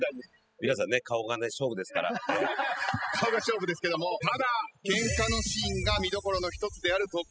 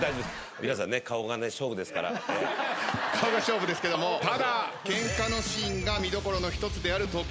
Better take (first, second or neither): second